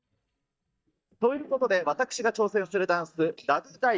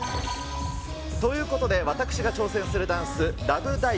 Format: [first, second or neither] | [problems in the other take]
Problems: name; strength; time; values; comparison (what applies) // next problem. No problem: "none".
second | noise reduction (neural mask model DeepFilterNet 3)